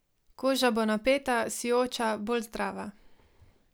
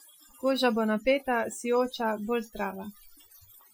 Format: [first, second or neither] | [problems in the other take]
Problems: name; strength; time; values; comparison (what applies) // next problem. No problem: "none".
first | noise reduction (classical method Wiener filter)